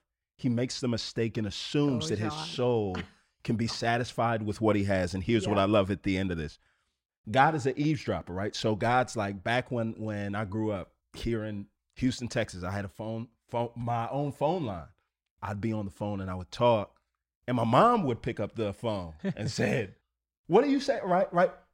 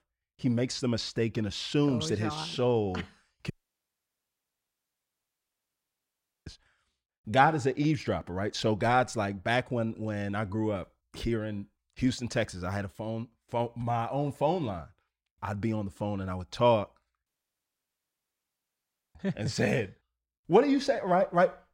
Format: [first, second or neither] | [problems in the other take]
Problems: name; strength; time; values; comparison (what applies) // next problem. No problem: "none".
first | audio cutting out; at 3.5 s for 3 s and at 17 s for 2 s